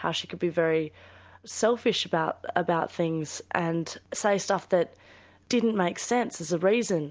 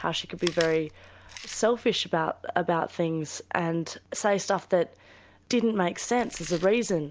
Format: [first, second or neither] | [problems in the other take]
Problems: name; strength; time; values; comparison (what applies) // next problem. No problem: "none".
first | background sound (Chewing, mastication); 19 dB below the speech